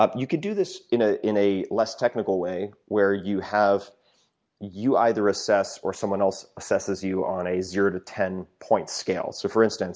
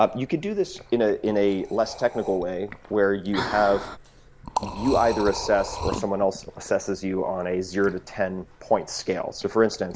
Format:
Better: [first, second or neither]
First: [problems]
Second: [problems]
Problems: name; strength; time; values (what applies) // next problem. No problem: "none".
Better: first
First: none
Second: background sound (Liquid); 12 dB below the speech